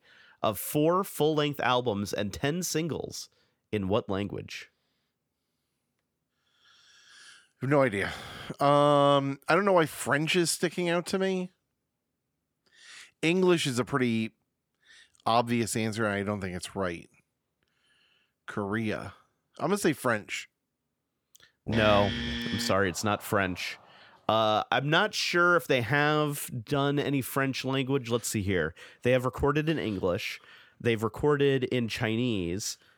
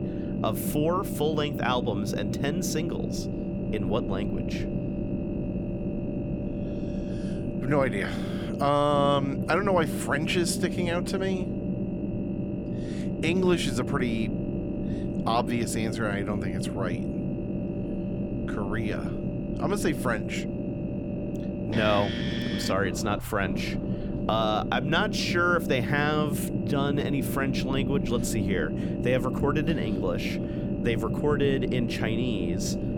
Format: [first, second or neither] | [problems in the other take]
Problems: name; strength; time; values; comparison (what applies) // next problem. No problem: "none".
first | low rumble; loud; throughout; 7 dB below the speech